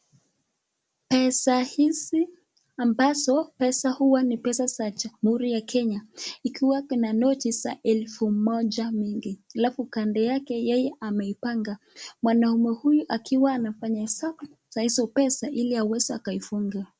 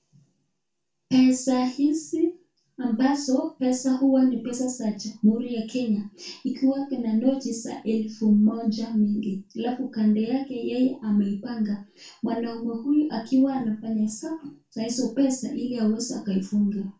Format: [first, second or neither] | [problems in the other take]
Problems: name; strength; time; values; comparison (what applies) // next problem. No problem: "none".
first | room echo; dies away in 0.2 s